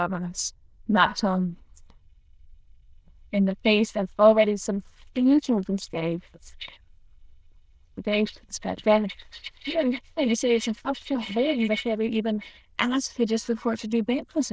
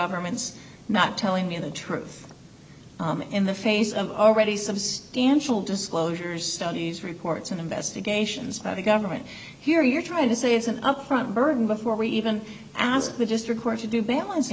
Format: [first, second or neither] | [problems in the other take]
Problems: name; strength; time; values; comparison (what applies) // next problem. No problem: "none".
second | noise reduction (neural diffusion model UNIVERSE++)